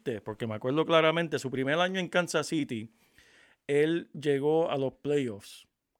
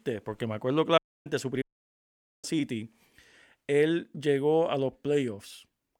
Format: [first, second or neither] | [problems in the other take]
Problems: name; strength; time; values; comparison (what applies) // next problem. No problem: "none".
first | audio cutting out; at 1 s and at 1.5 s for 1 s